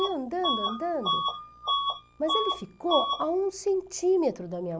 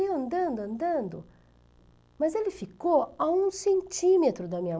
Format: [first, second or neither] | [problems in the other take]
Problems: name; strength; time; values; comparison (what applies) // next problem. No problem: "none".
second | background sound (Bus / Alarm); 3 dB below the speech